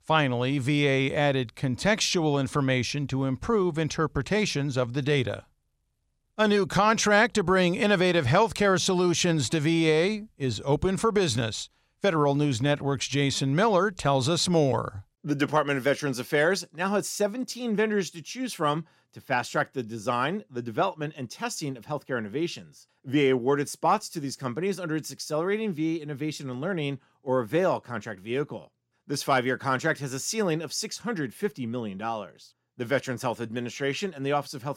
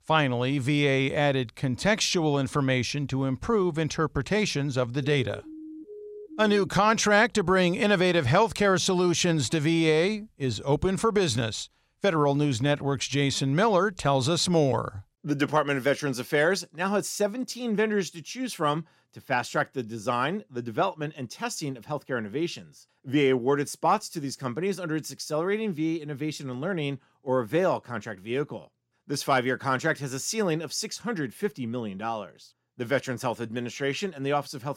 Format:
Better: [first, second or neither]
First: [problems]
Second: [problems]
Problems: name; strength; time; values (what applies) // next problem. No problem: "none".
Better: first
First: none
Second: siren; faint; from 5 to 6.5 s; peak 15 dB below the speech